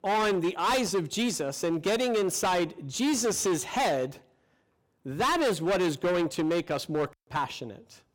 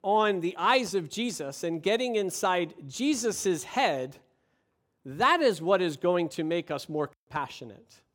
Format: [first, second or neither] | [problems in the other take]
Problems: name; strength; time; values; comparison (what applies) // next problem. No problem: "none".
second | distortion; heavy; 17% of the sound clipped